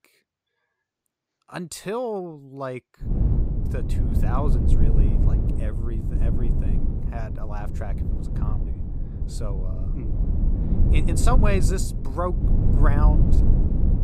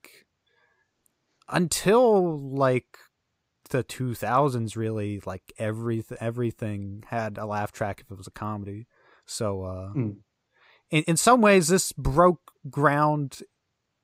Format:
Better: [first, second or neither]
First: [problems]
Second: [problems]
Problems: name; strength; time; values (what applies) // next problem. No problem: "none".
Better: second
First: low rumble; loud; from 3 s on; 5 dB below the speech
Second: none